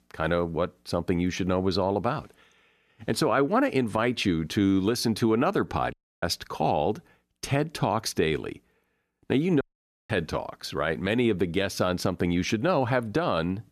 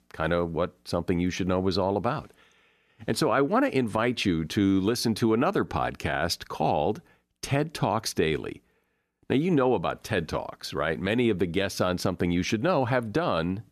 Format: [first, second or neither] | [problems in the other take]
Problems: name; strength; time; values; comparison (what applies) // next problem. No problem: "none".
second | audio cutting out; at 6 s and at 9.5 s